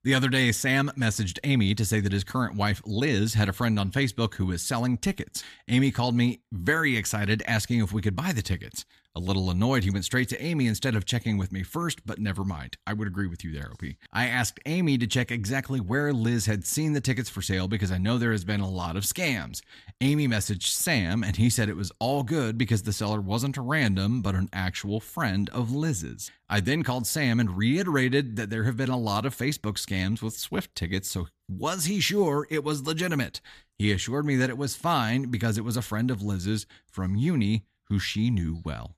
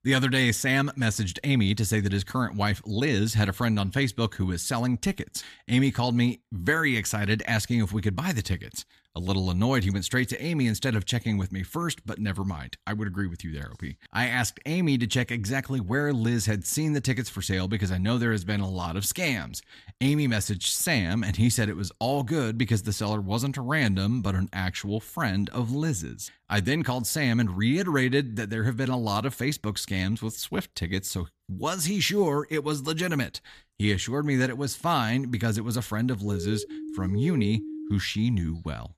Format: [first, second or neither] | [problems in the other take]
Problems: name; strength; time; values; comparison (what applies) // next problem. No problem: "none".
first | siren; noticeable; from 36 to 38 s; peak 9 dB below the speech